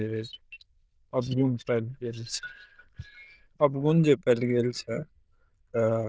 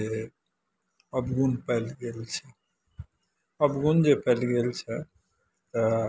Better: second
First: noise reduction (neural diffusion model UNIVERSE++)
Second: none

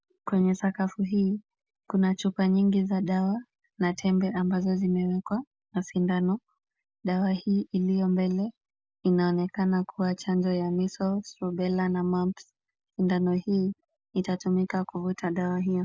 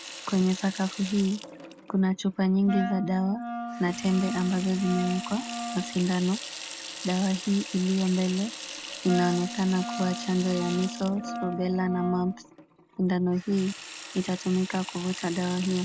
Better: first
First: none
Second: background sound (Wind instrument, woodwind instrument + Sink (filling or washing) / Water tap, faucet); 10 dB below the speech

